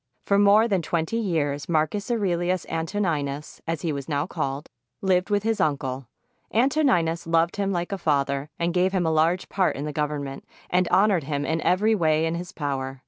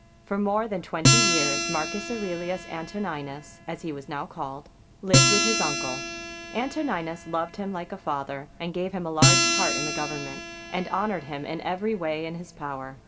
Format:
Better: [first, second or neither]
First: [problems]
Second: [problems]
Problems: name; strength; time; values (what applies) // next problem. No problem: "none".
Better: first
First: none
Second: background sound (Acoustic guitar); 3 dB above the speech // room echo; dies away in 2.1 s